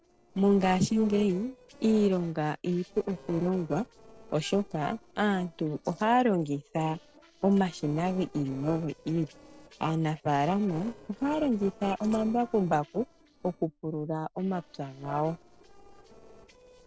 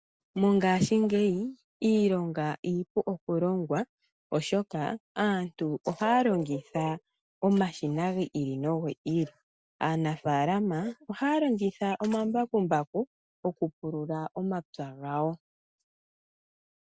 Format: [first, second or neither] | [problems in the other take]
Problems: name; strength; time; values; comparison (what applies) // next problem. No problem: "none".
second | noise reduction (neural separator model SepFormer DNS4)